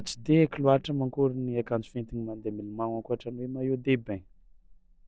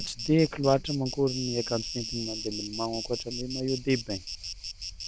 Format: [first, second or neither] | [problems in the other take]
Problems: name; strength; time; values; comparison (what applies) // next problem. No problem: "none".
first | background sound (Insect); 8 dB below the speech